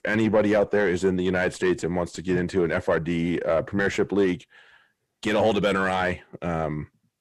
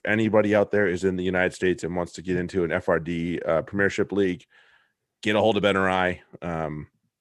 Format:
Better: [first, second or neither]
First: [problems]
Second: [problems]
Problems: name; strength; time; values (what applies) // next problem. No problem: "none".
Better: second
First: distortion; slight; 10 dB below the speech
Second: none